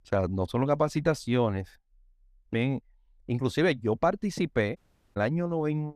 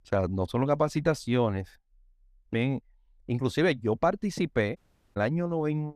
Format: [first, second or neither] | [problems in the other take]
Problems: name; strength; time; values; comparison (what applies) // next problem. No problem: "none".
neither | audio cutting out; at 5 s; the same in both